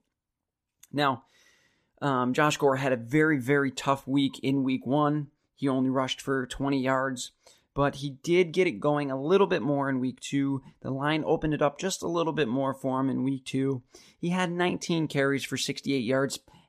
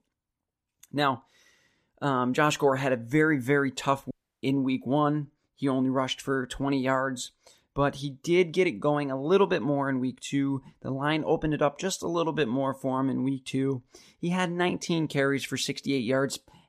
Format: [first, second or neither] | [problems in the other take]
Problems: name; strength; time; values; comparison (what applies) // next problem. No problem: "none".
first | audio cutting out; at 4 s